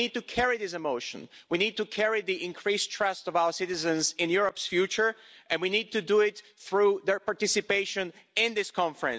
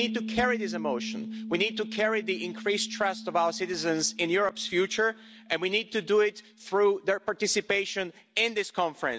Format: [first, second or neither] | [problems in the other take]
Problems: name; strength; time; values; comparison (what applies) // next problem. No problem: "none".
first | background sound (Piano); 12 dB below the speech